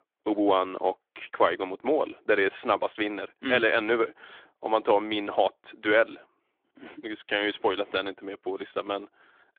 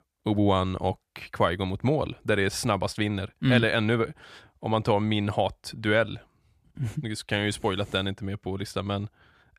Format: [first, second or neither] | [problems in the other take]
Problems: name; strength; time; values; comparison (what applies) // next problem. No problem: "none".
second | phone-call audio; nothing above 3.5 kHz